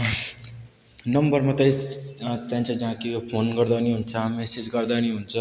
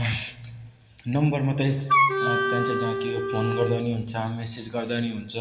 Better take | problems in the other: first | background sound (Wind instrument, woodwind instrument); 3 dB above the speech // room echo; dies away in 0.7 s

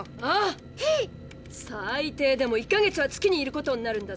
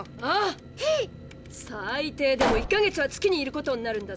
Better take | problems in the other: first | background sound (Explosion); 3 dB below the speech

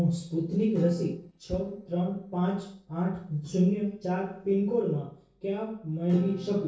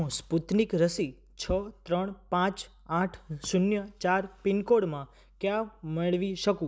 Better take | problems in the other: second | noise reduction (neural separator model SepFormer DNS4)

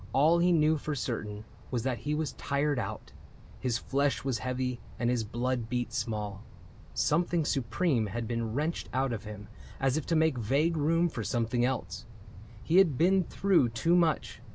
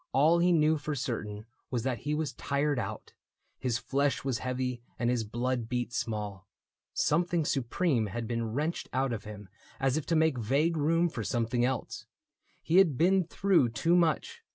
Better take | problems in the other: second | background sound (Wind); 16 dB below the speech

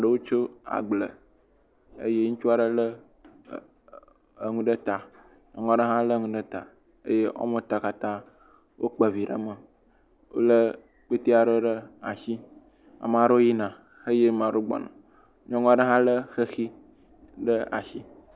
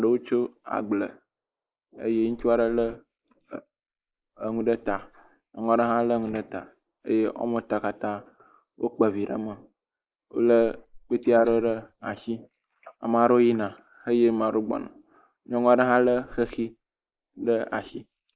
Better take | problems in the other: first | noise reduction (neural mask model Resemble Enhance denoiser)

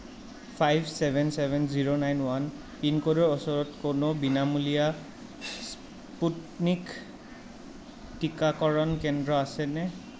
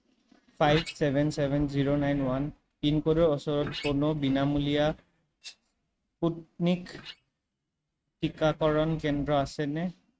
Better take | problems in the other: first | noise reduction (neural mask model RNNoise)

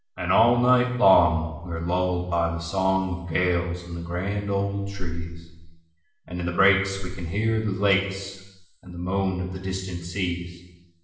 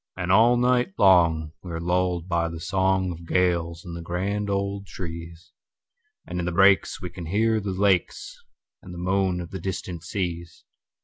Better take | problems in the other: second | room echo; dies away in 1 s

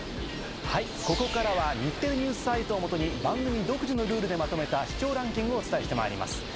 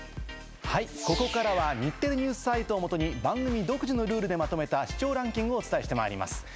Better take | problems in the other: second | background sound (Bird); 7 dB below the speech

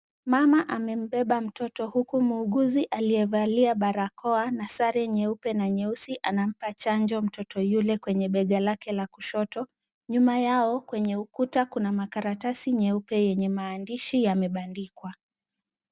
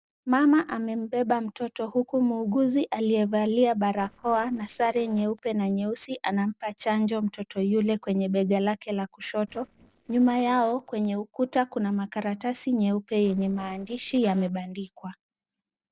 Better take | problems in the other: first | noise reduction (neural separator model SepFormer DNS4)

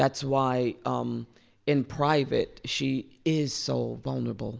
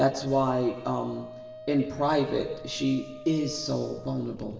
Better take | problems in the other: first | background sound (Wind instrument, woodwind instrument); 16 dB below the speech // room echo; dies away in 1.2 s

